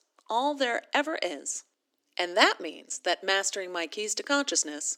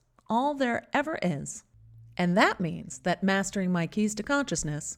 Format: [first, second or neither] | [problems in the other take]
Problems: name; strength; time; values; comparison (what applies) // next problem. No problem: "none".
second | thin; somewhat; fading below 300 Hz